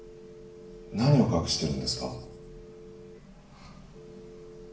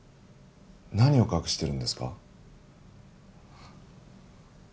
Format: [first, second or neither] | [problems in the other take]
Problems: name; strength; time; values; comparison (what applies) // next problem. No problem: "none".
second | background sound (Telephone); 18 dB below the speech // room echo; dies away in 0.7 s